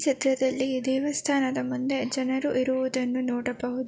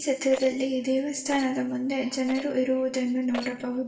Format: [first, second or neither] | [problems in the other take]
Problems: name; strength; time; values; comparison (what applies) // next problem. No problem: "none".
first | background sound (Rattle); 17 dB below the speech // room echo; dies away in 0.8 s